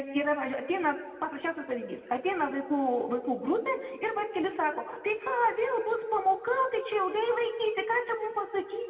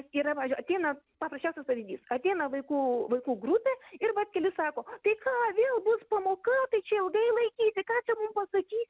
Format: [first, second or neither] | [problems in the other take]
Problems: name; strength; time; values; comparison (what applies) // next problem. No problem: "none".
second | room echo; dies away in 1.6 s